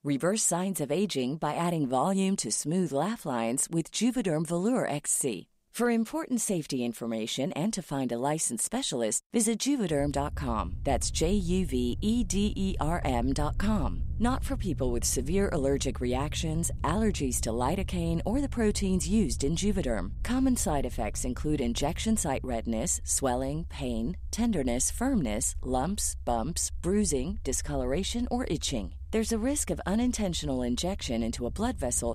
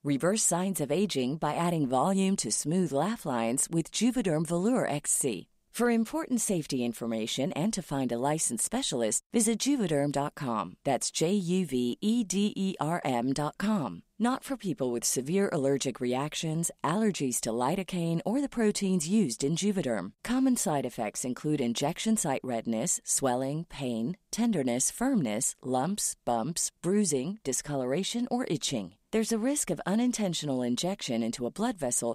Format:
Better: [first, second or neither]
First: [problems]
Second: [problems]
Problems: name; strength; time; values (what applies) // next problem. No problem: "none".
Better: second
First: low rumble; faint; from 10 s on; 25 dB below the speech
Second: none